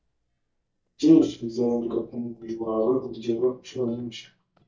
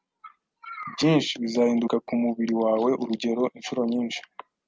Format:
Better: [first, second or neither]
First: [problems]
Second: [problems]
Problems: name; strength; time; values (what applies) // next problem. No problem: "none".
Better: second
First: noise reduction (neural mask model DeepFilterNet 3)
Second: none